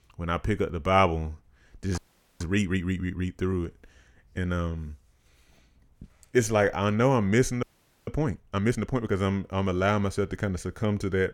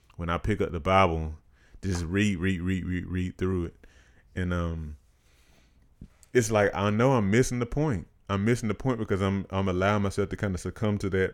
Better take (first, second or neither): second